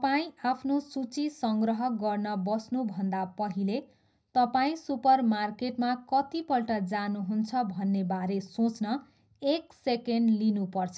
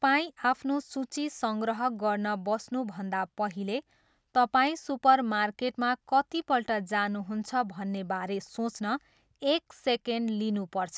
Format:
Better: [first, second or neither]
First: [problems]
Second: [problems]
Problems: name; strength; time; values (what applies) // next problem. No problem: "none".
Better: second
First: room echo; dies away in 0.4 s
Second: none